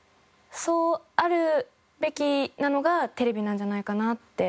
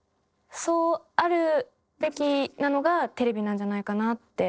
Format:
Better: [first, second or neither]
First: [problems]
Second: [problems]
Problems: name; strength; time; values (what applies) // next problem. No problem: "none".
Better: first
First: none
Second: noise reduction (neural separator model SepFormer DNS4)